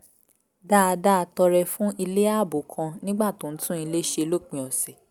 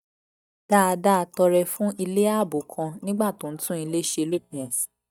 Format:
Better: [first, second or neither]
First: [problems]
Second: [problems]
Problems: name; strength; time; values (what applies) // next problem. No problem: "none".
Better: first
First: none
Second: noise reduction (neural mask model DeepFilterNet 3)